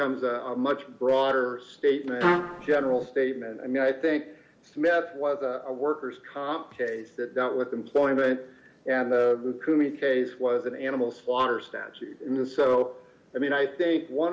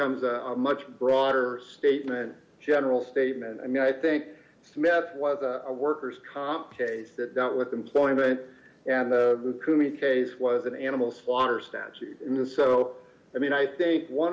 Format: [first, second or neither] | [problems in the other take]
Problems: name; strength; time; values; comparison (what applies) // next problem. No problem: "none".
second | background sound (Trumpet); as loud as the speech